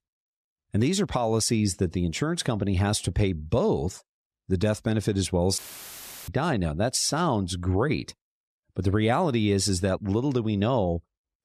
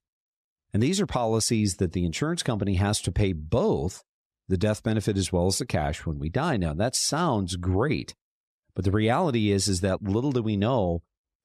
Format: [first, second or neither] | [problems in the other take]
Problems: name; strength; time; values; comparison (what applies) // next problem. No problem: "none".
second | audio cutting out; filled with static; at 5.5 s for 0.5 s